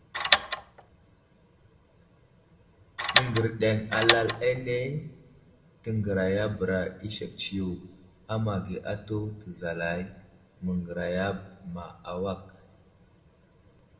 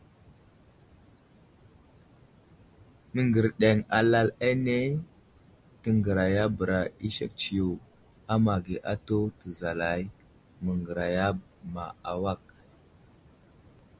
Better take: second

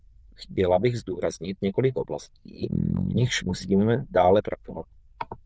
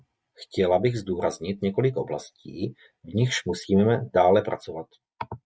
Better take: second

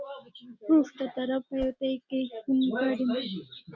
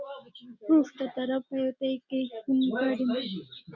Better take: second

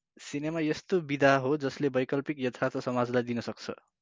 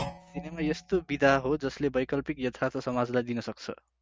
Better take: first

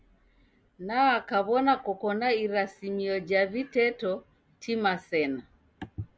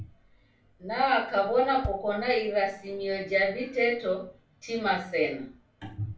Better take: first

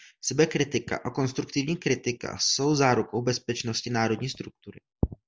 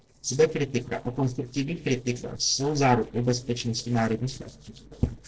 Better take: first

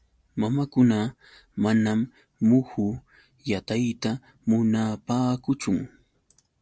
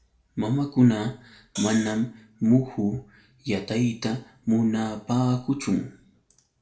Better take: first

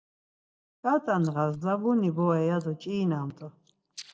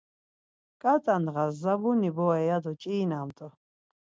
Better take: second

